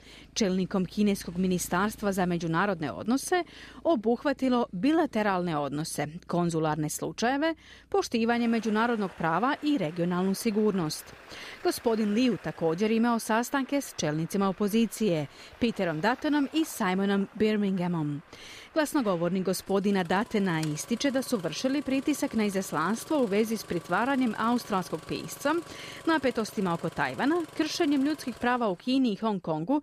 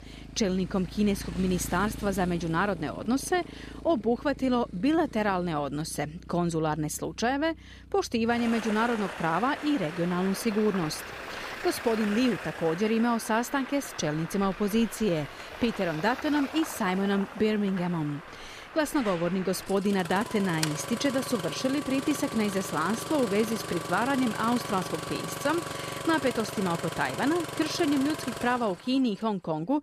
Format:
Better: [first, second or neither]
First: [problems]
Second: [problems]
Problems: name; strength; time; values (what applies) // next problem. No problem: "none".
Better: first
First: traffic noise; faint; throughout; 20 dB below the speech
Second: traffic noise; loud; throughout; 10 dB below the speech